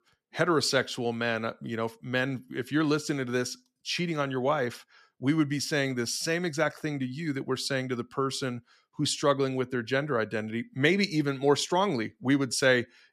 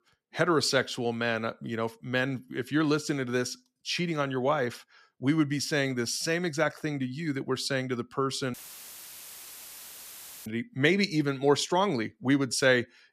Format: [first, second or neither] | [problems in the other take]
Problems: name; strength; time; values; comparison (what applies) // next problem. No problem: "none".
first | audio cutting out; filled with static; at 8.5 s for 2 s